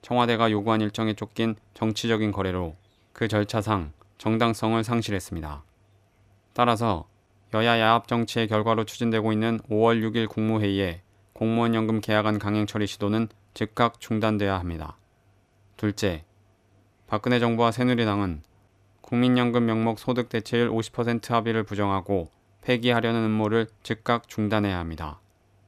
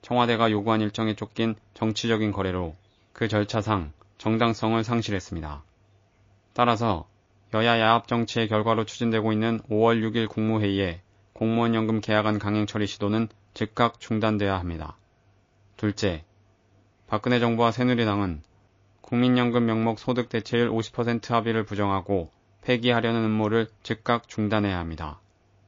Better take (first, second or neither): first